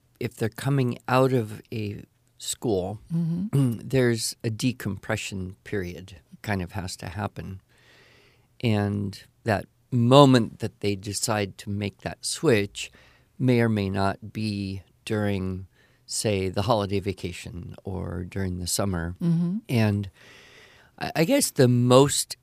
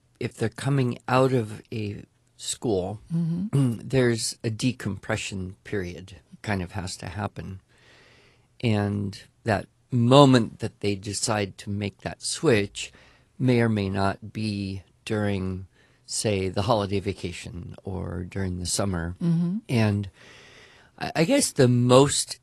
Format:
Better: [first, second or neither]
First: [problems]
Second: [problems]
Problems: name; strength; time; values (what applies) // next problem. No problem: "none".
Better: first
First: none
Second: garbled, watery; slightly